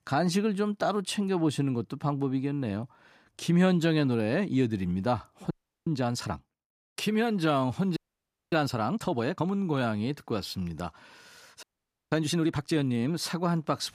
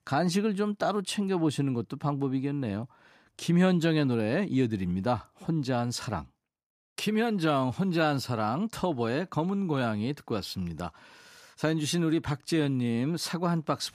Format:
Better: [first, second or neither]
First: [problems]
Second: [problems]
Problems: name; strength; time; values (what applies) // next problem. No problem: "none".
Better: second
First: audio freezing; at 5.5 s, at 8 s for 0.5 s and at 12 s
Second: none